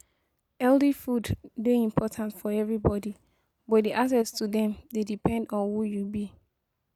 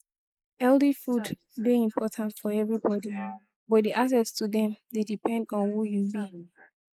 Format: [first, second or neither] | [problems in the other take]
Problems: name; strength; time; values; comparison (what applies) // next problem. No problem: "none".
first | noise reduction (neural mask model Resemble Enhance denoiser)